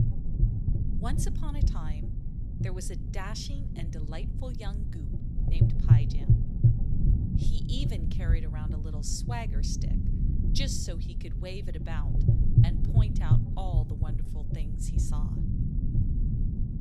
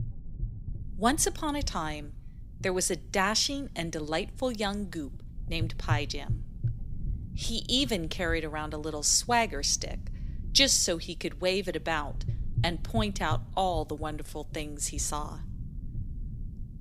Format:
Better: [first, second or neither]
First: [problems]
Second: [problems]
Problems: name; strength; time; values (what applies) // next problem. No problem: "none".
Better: second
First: low rumble; loud; throughout; as loud as the speech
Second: low rumble; faint; throughout; 25 dB below the speech